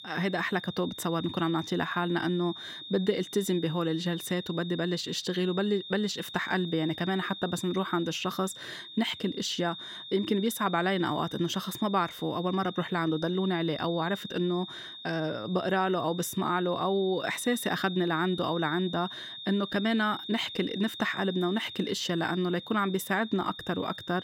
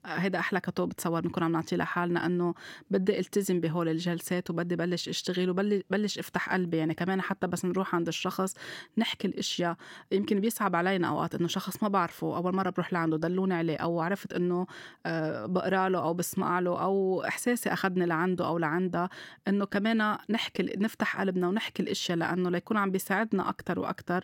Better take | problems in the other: second | high-pitched whine; noticeable; throughout; 3.5 kHz, 10 dB below the speech

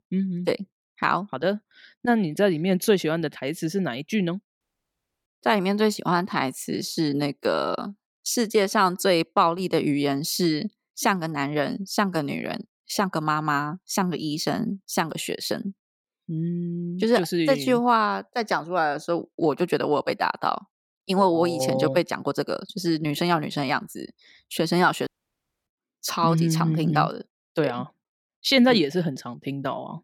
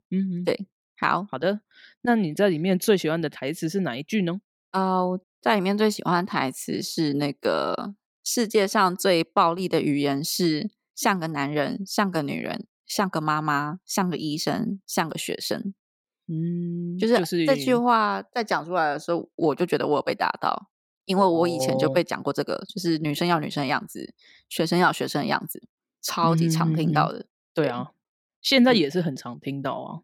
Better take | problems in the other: second | audio cutting out; at 4.5 s for 0.5 s and at 25 s for 0.5 s

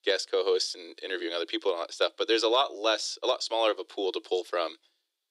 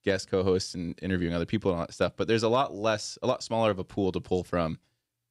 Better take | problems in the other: second | thin; very; fading below 350 Hz

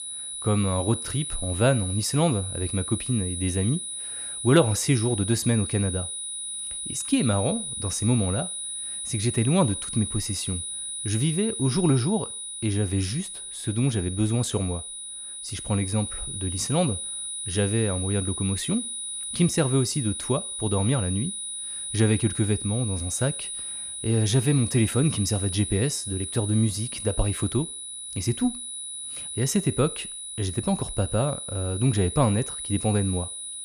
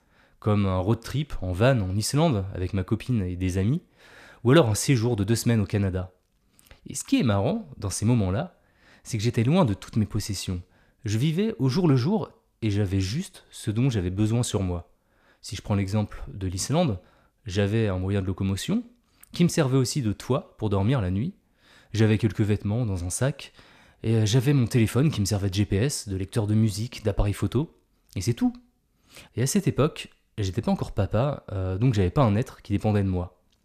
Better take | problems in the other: second | high-pitched whine; loud; throughout; 9.5 kHz, 5 dB below the speech

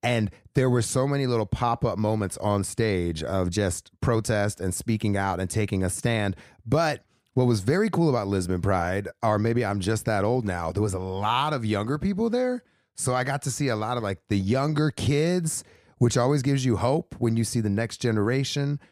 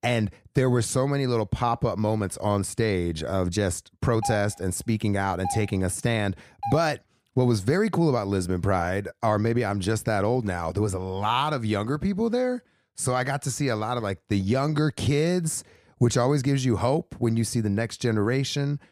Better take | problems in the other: first | doorbell; noticeable; from 4 to 7 s; peak 8 dB below the speech

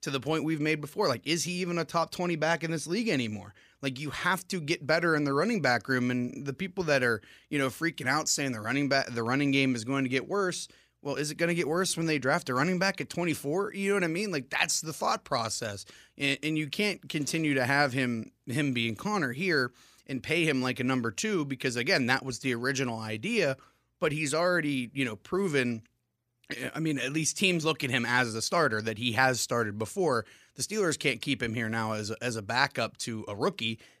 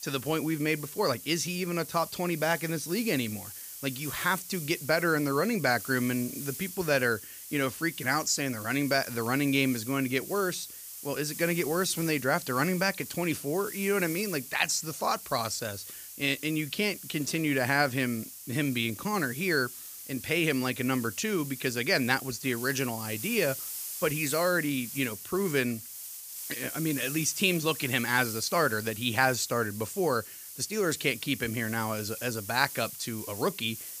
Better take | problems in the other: first | hiss; loud; throughout; 10 dB below the speech

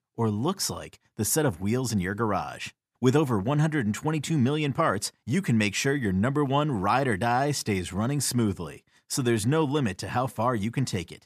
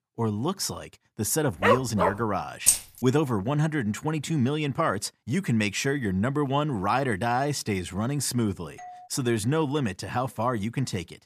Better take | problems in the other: first | dog barking; loud; at 1.5 s; peak 4 dB above the speech // jangling keys; loud; at 2.5 s; peak 6 dB above the speech // doorbell; faint; at 9 s; peak 15 dB below the speech

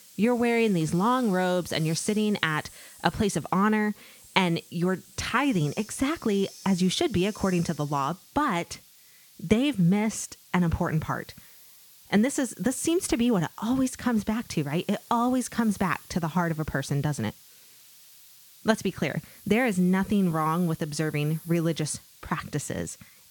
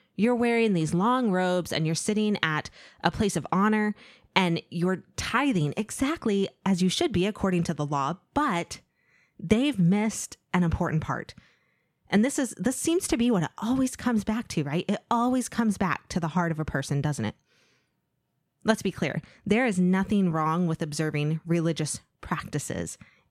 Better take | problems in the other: second | hiss; faint; throughout; 20 dB below the speech

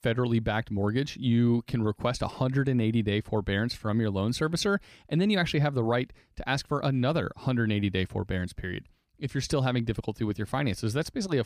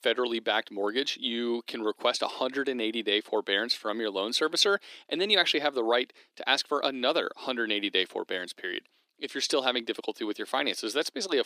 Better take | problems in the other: first | thin; very; fading below 300 Hz

